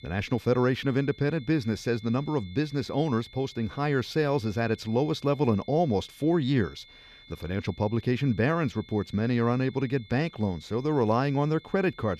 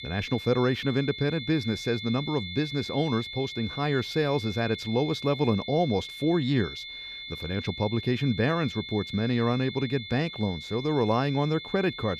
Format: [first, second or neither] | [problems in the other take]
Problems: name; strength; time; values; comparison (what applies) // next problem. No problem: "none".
first | high-pitched whine; loud; throughout; 3.5 kHz, 9 dB below the speech; faint in the first